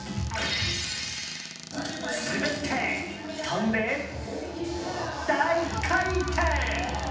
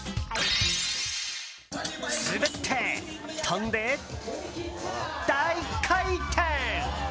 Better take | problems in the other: second | background sound (Squeak / Cupboard open or close); 16 dB below the speech // room echo; dies away in 0.8 s

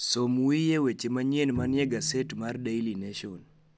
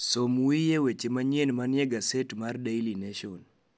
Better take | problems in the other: second | background sound (Bowed string instrument); 14 dB below the speech

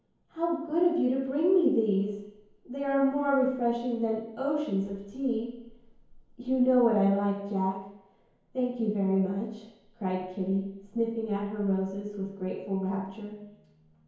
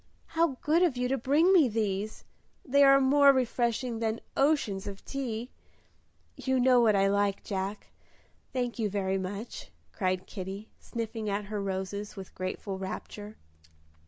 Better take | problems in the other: second | room echo; dies away in 1 s

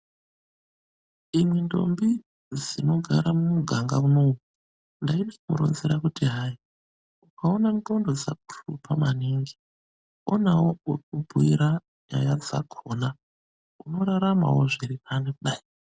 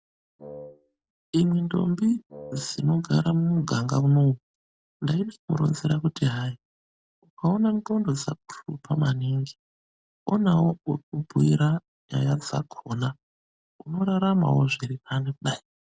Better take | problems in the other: first | background sound (Wind instrument, woodwind instrument); 18 dB below the speech

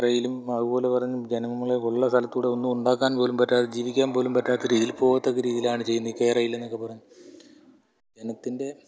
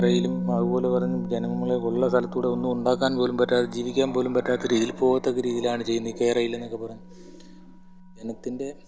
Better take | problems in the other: first | background sound (Musical instrument); 8 dB below the speech

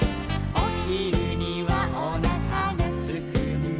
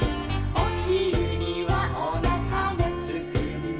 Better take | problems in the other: first | room echo; dies away in 0.3 s

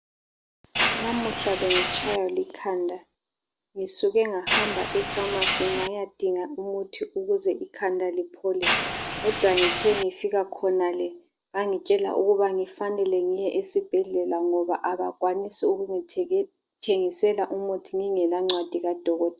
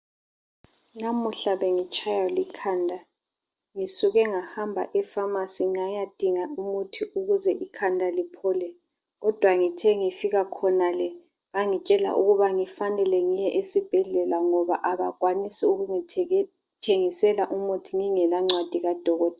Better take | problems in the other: second | background sound (Mechanisms); 5 dB below the speech

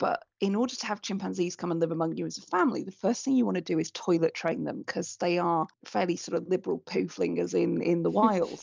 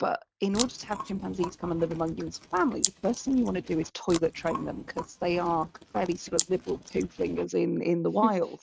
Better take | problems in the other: first | noise reduction (neural mask model RNNoise)

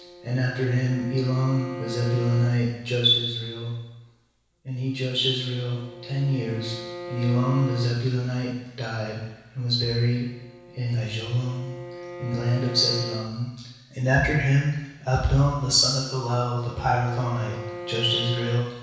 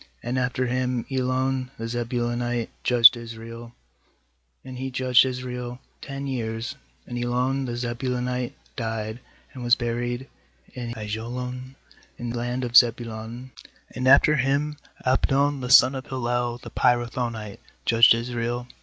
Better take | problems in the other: second | background sound (Bowed string instrument); 14 dB below the speech // room echo; dies away in 1.1 s

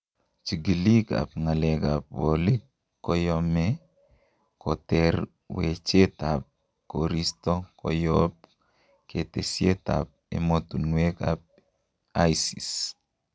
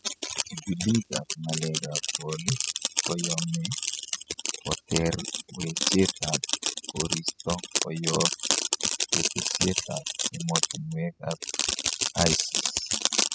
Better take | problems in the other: first | noise reduction (classical method spectral subtraction)

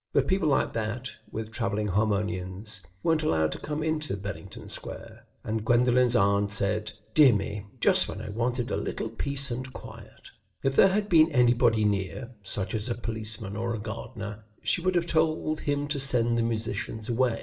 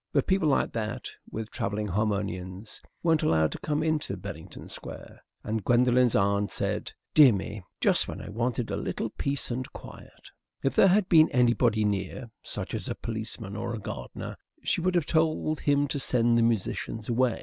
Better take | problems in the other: second | room echo; dies away in 0.4 s

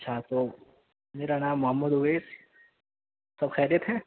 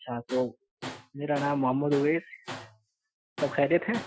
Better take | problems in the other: first | noise reduction (classical method Wiener filter)

